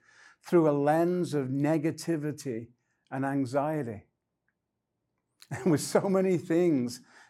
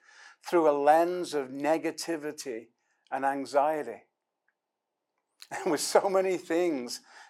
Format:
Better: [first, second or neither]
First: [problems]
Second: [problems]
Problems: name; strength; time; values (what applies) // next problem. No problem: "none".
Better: first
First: none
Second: thin; somewhat; fading below 500 Hz